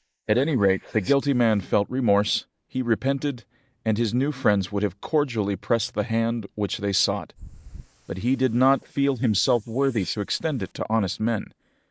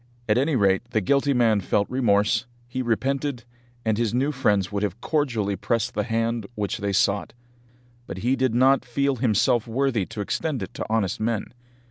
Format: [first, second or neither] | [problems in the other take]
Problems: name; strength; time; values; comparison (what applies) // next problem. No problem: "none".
second | noise reduction (neural mask model Resemble Enhance denoiser)